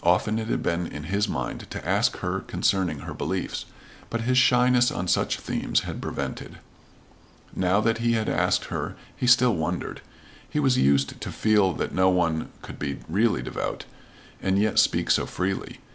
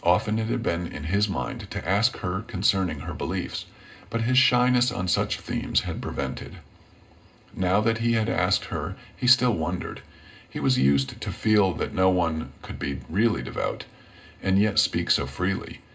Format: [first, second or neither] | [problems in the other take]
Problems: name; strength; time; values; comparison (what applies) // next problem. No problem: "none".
first | room echo; dies away in 0.2 s